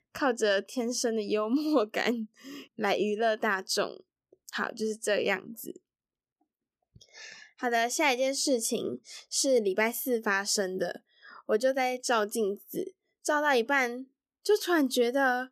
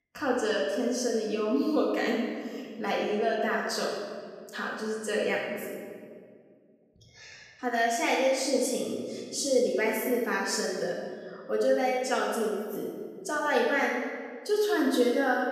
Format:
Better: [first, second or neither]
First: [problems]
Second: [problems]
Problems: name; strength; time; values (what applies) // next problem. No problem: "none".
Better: first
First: none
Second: off-mic speech; far // room echo; noticeable; dies away in 1.8 s